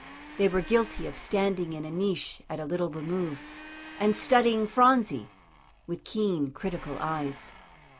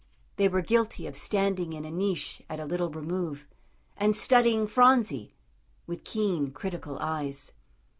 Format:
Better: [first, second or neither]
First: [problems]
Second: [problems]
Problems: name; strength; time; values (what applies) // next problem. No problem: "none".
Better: second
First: background sound (Domestic sounds, home sounds); 19 dB below the speech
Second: none